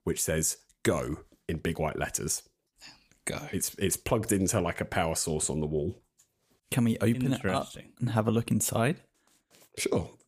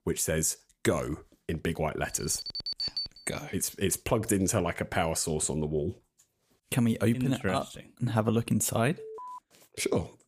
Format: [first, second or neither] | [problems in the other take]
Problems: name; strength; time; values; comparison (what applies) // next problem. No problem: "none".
first | alarm; noticeable; from 2 to 3 s; peak 1 dB below the speech // alarm; faint; at 9 s; peak 15 dB below the speech